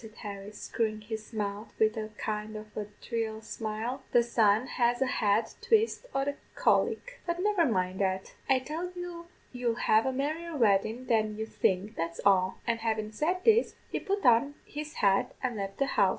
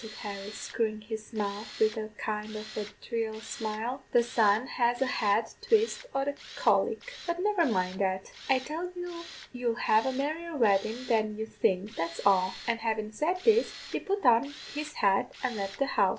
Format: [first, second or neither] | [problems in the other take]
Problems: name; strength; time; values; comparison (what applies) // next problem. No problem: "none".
first | background sound (Tools); 18 dB below the speech